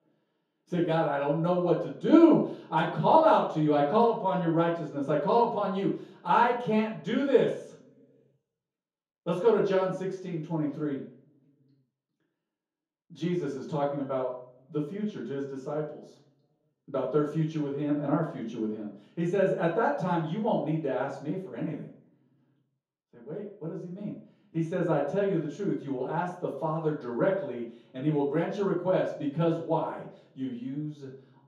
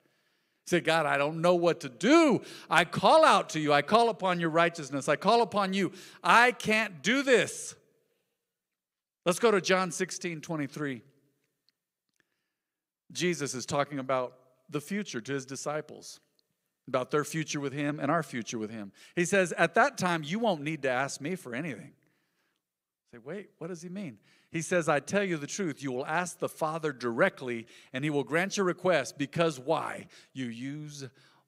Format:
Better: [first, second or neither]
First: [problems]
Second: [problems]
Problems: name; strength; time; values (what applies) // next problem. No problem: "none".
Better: second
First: room echo; noticeable; dies away in 0.6 s // off-mic speech; far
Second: none